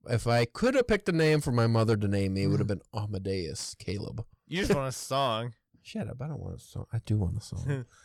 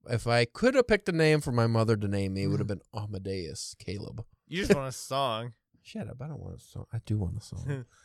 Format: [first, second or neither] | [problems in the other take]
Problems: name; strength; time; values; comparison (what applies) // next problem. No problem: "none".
second | distortion; slight; 10 dB below the speech